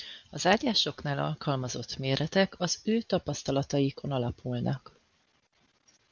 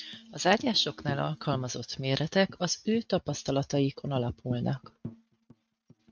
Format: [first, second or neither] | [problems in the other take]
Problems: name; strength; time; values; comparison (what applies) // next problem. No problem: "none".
first | noise reduction (neural mask model RNNoise)